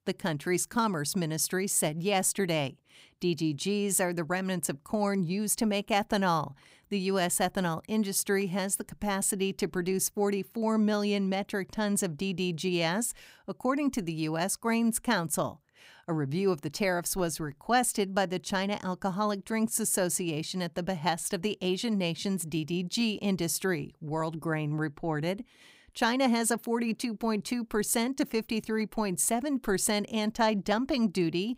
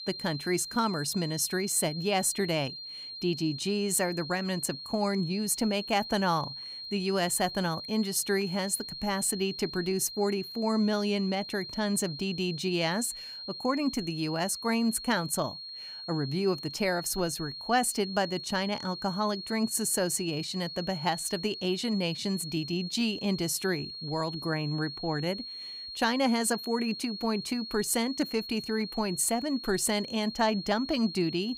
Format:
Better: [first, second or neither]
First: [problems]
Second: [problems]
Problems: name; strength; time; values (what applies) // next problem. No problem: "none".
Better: first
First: none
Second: high-pitched whine; loud; throughout; 4.5 kHz, 9 dB below the speech